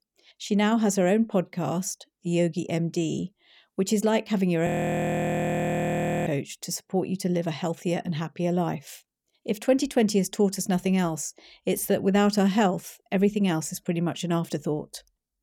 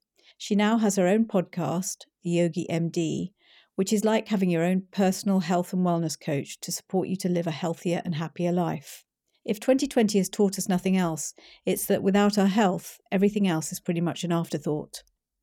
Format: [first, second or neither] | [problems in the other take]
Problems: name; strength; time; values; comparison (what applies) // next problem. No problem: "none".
second | audio freezing; at 4.5 s for 1.5 s